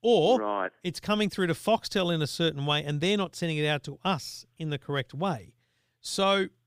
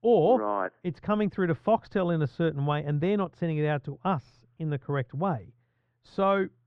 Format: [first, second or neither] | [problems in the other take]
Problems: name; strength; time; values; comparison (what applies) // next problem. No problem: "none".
first | muffled; very; fading above 1.5 kHz